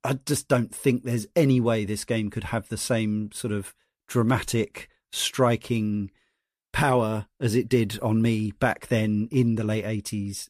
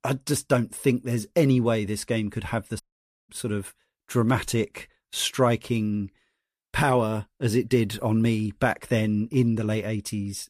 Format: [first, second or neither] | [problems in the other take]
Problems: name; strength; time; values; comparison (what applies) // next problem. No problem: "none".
first | audio cutting out; at 3 s